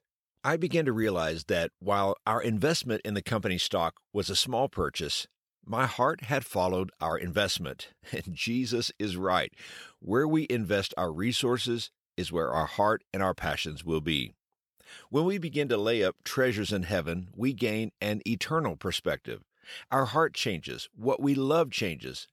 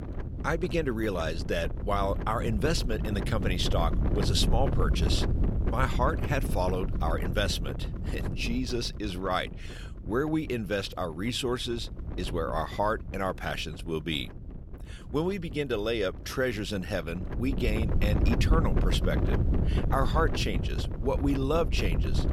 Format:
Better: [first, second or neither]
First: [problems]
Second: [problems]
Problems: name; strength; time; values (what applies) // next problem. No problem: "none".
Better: first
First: none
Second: wind noise on the microphone; heavy; 9 dB below the speech